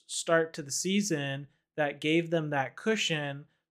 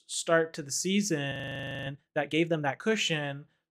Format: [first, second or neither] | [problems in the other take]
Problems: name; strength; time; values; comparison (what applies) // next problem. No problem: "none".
first | audio freezing; at 1.5 s for 0.5 s